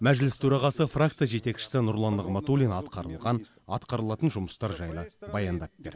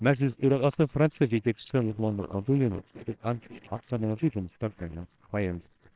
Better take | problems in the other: first | noise reduction (neural separator model SepFormer WHAMR!)

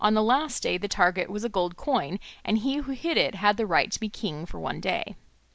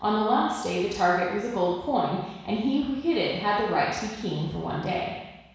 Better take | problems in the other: first | room echo; dies away in 1.1 s

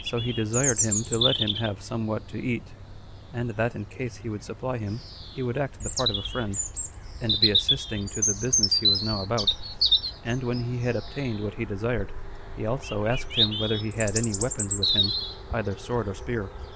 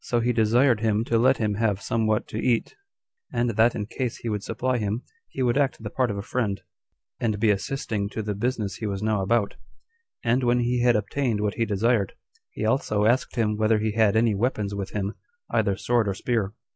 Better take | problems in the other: second | background sound (Bird vocalization, bird call, bird song); as loud as the speech

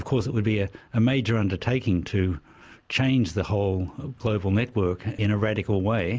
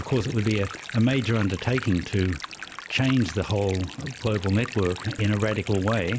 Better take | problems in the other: first | background sound (Stream); 14 dB below the speech

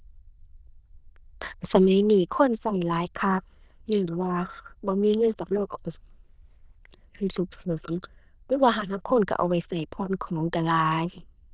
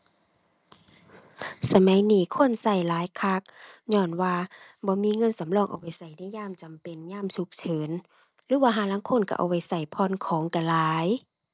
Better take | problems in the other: second | noise reduction (neural diffusion model UNIVERSE++)

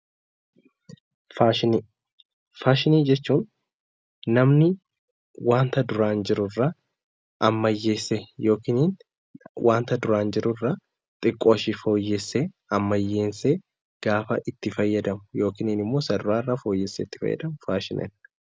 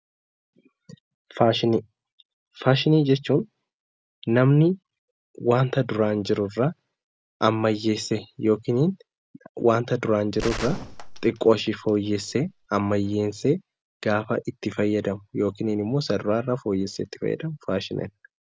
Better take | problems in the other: first | background sound (Gunshot, gunfire); 11 dB below the speech

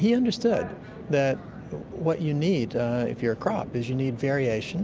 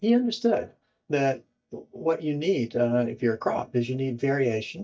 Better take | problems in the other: first | noise reduction (neural mask model DeepFilterNet 3)

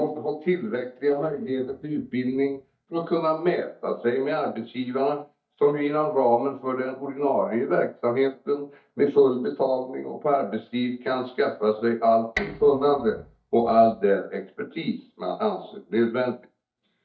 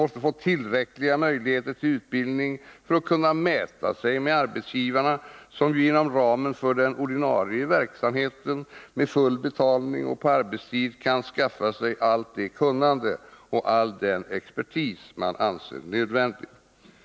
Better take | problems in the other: second | noise reduction (neural mask model DeepFilterNet 3)

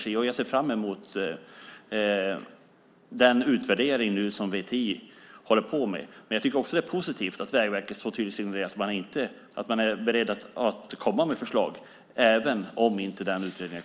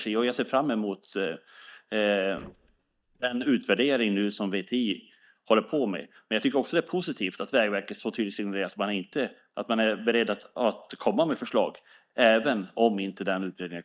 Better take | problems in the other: first | noise reduction (neural mask model DeepFilterNet 3)

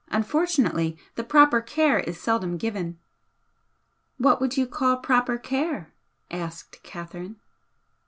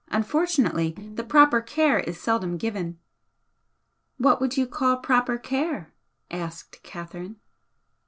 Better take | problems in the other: first | noise reduction (neural separator model SepFormer DNS4)

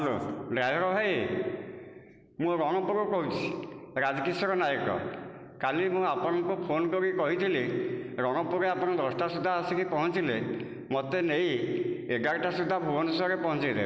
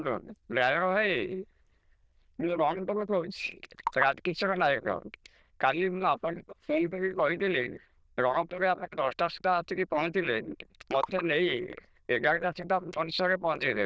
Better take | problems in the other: first | noise reduction (neural diffusion model UNIVERSE++)

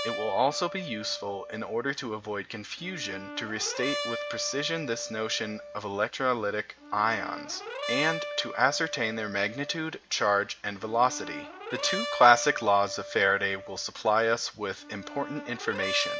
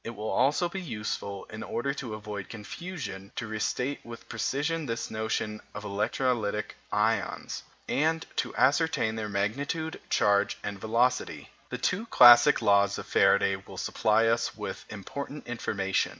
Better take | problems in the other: second | background sound (Brass instrument); 9 dB below the speech

